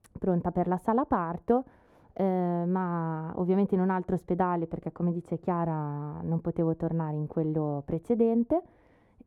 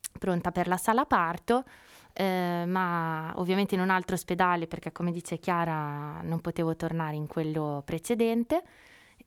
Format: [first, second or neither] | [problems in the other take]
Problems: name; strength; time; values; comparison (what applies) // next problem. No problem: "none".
second | muffled; very; fading above 1.5 kHz